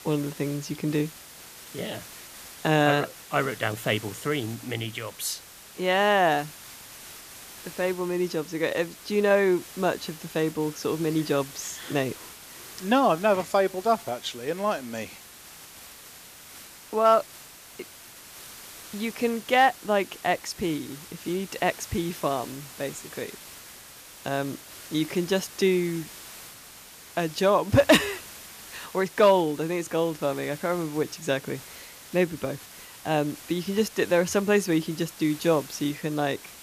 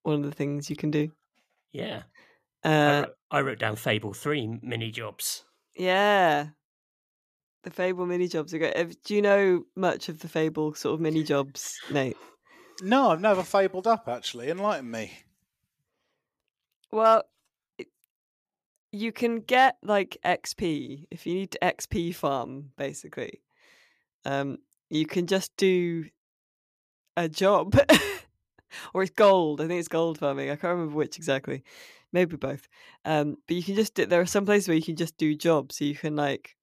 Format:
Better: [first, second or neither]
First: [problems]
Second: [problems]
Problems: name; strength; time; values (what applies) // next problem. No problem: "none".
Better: second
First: hiss; noticeable; throughout; 15 dB below the speech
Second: none